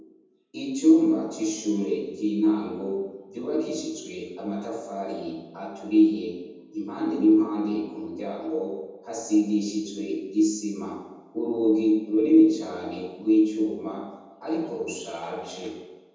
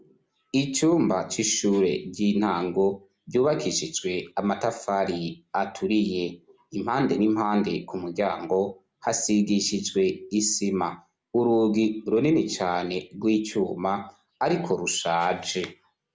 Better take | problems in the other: second | room echo; dies away in 1.1 s

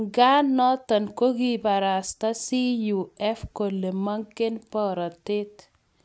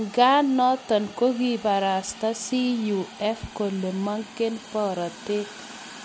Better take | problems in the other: first | background sound (Hiss); 18 dB below the speech

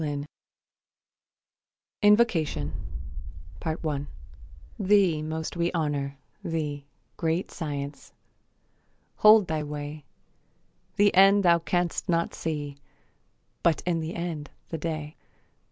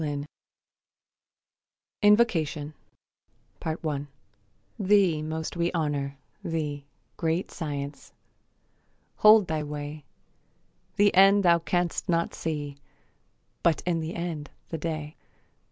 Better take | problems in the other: second | background sound (Boom); 6 dB below the speech

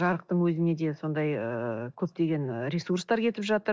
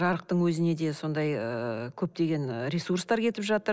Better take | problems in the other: second | noise reduction (neural mask model DeepFilterNet 3)

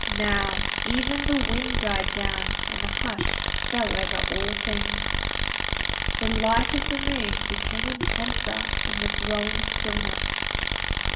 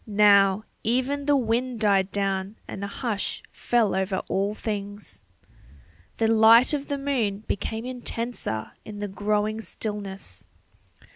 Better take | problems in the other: second | background sound (Tools); 5 dB above the speech // room echo; dies away in 0.7 s

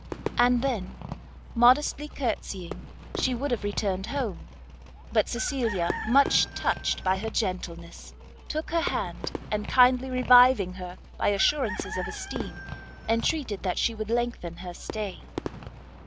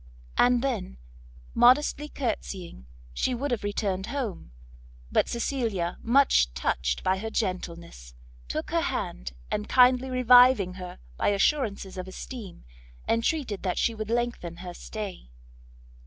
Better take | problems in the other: second | background sound (Fireworks + Chicken, rooster); 12 dB below the speech

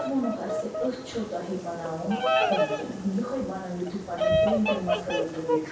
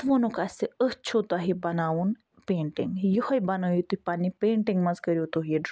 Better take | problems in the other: second | background sound (Bird vocalization, bird call, bird song); 2 dB above the speech // room echo; dies away in 0.7 s

